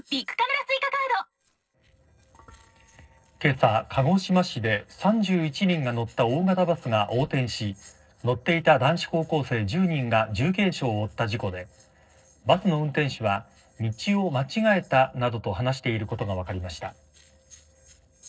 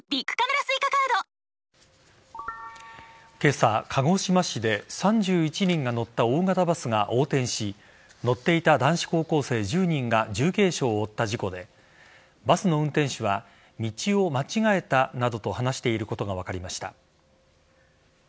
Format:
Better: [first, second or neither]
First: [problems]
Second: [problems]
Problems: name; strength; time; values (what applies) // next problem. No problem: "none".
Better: second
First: noise reduction (neural separator model SepFormer DNS4)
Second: none